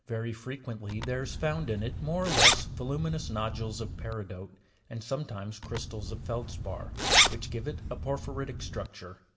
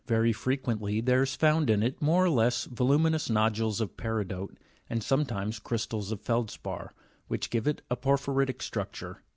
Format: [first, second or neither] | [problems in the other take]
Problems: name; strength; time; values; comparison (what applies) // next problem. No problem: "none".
second | background sound (Zipper (clothing)); 4 dB above the speech // room echo; dies away in 0.7 s